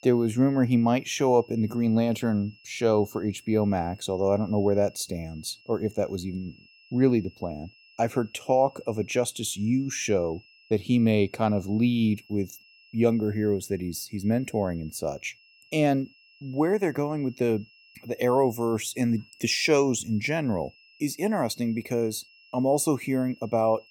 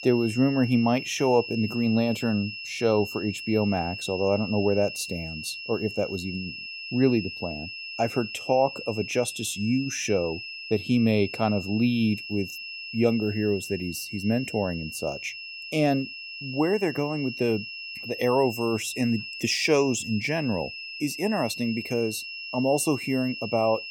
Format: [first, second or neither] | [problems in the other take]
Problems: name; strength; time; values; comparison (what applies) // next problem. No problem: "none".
first | high-pitched whine; loud; throughout; 2.5 kHz, 9 dB below the speech; faint in the first